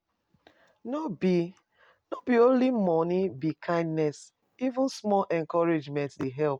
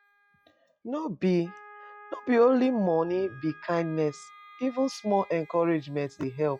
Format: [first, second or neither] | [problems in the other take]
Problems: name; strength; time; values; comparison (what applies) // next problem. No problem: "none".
first | noise reduction (classical method log-MMSE)